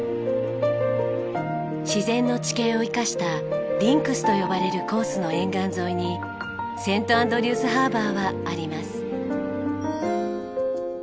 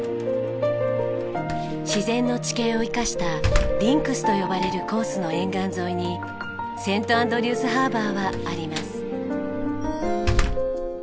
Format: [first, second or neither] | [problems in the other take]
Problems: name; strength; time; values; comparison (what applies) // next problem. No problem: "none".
first | background sound (Slam); 6 dB below the speech